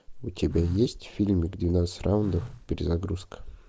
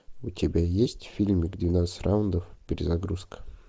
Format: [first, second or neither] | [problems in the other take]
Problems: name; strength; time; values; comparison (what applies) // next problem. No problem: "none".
second | background sound (Telephone); 17 dB below the speech